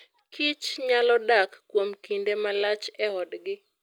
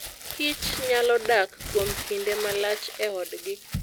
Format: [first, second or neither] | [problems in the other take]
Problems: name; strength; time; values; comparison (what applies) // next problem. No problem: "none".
first | background sound (Crumpling, crinkling); 8 dB below the speech